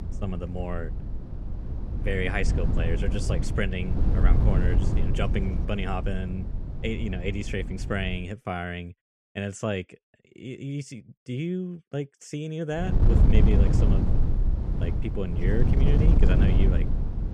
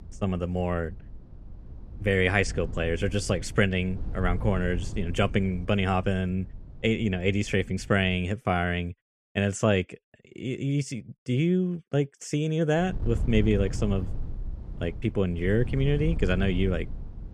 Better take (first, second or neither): second